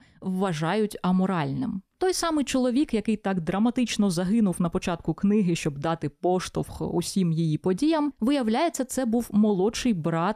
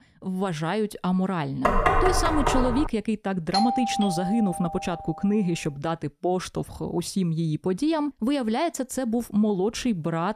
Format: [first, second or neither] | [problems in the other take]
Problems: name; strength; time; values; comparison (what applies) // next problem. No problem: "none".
first | door banging; loud; from 1.5 to 3 s; peak 5 dB above the speech // doorbell; loud; from 3.5 to 5 s; peak 1 dB above the speech